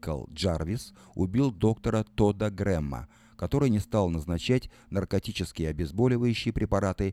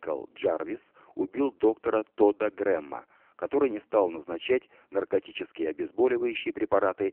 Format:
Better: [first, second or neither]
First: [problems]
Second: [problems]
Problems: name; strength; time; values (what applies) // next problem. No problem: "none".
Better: first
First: none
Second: phone-call audio; poor line; nothing above 3 kHz